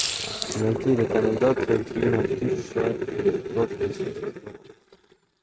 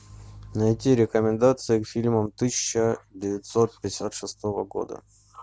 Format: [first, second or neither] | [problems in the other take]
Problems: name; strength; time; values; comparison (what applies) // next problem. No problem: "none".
second | noise reduction (neural mask model RNNoise)